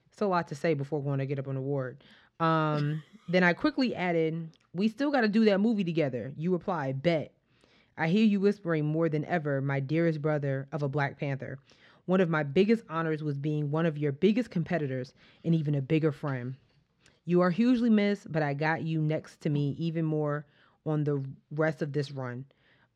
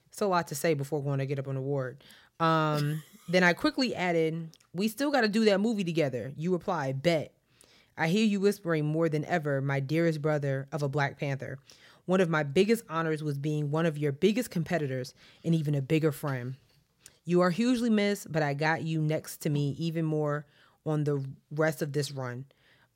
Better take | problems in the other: second | muffled; very slightly; fading above 3.5 kHz

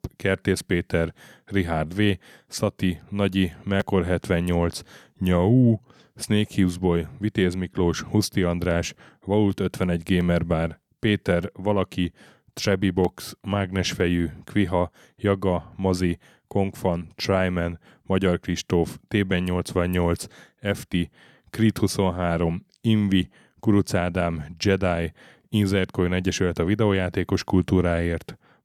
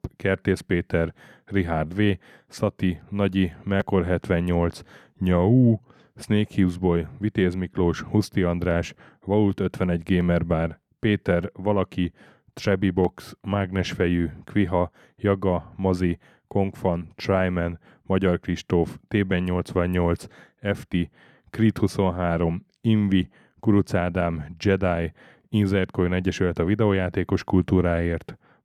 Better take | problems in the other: first | muffled; slightly; fading above 3 kHz

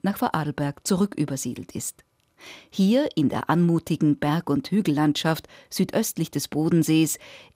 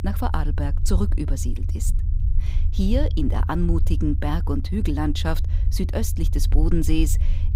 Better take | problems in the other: first | low rumble; noticeable; throughout; 15 dB below the speech

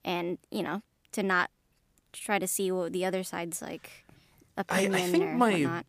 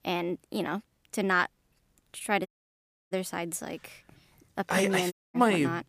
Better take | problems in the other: first | audio cutting out; at 2.5 s for 0.5 s and at 5 s

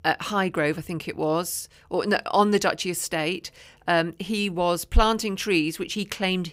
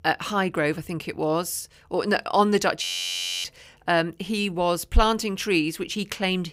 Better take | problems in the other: first | audio freezing; at 3 s for 0.5 s

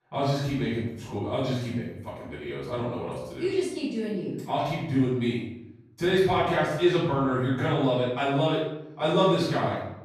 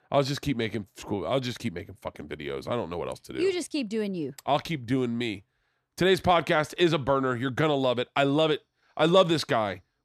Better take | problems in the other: second | off-mic speech; far // room echo; noticeable; dies away in 0.8 s

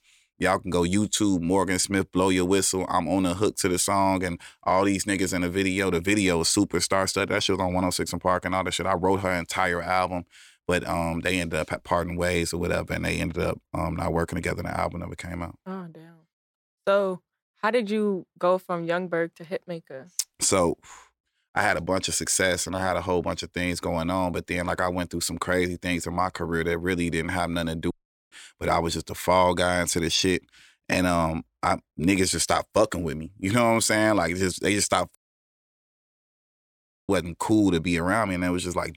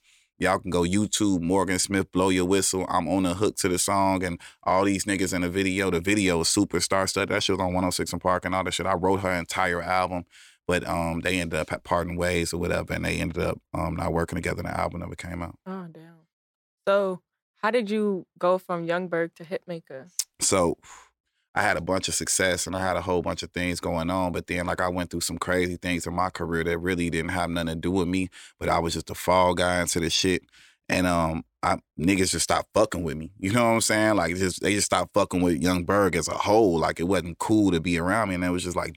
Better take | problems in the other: second | audio cutting out; at 28 s and at 35 s for 2 s

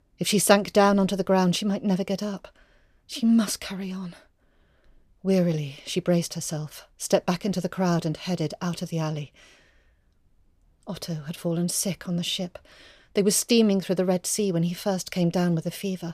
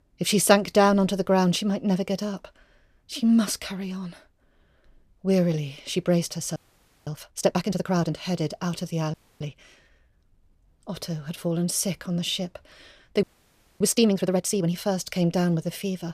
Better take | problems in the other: first | audio freezing; at 6.5 s for 0.5 s, at 9 s and at 13 s for 0.5 s

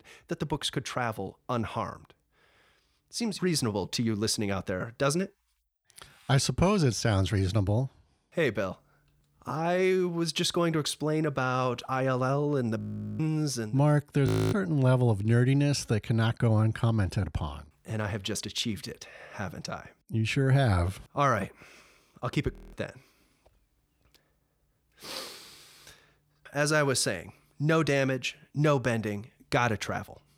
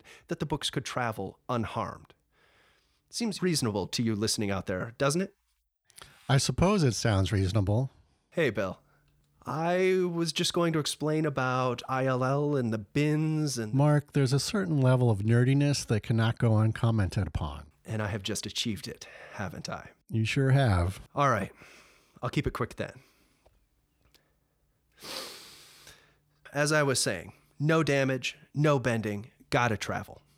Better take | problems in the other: second | audio freezing; at 13 s, at 14 s and at 23 s

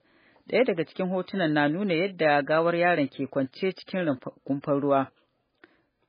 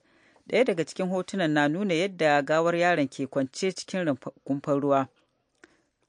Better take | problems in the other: second | garbled, watery; badly; nothing above 4 kHz; slightly in the second

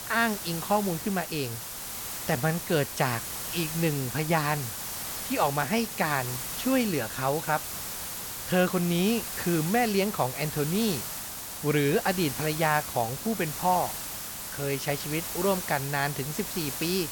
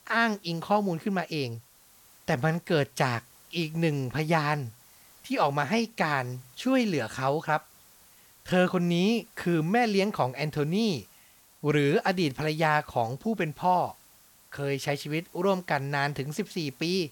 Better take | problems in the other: second | hiss; loud; throughout; 5 dB below the speech; faint in the second

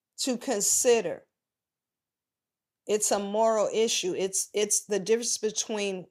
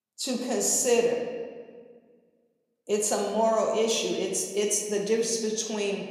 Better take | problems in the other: first | room echo; noticeable; dies away in 1.3 s // off-mic speech; somewhat distant

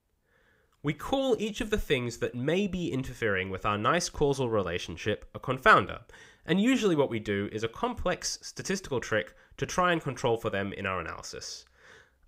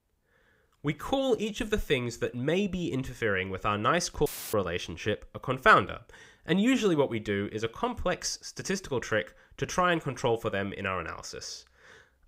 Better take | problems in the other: first | audio cutting out; filled with static; at 4.5 s

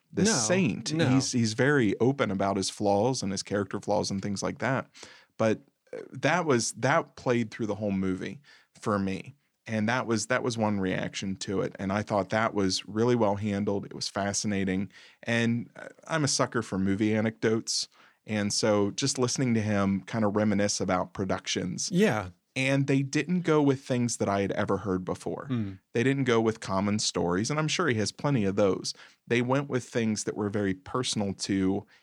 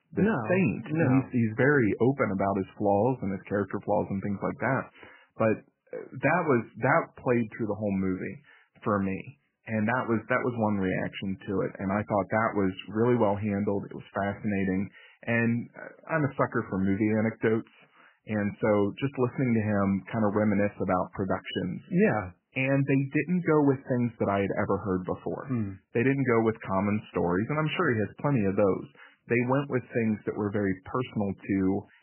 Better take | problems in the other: first | garbled, watery; badly; nothing above 3 kHz

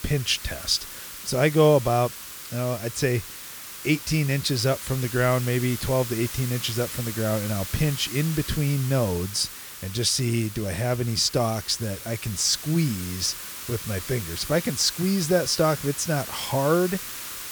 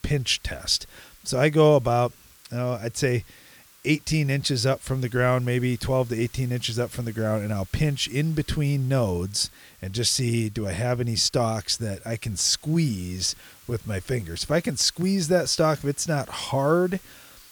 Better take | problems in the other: second | hiss; loud; throughout; 10 dB below the speech; faint in the second

